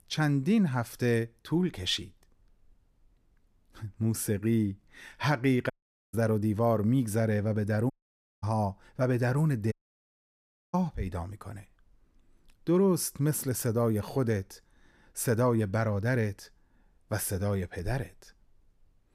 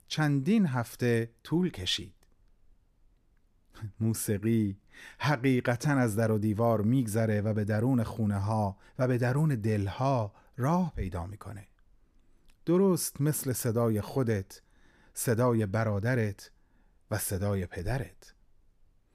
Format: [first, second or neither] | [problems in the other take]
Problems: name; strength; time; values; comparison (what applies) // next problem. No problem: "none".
second | audio cutting out; at 5.5 s, at 8 s for 0.5 s and at 9.5 s for 1 s